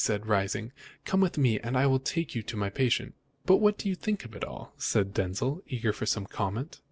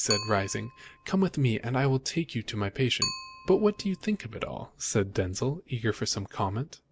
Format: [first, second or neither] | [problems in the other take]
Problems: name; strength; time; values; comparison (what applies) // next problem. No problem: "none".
first | background sound (Bicycle); 11 dB below the speech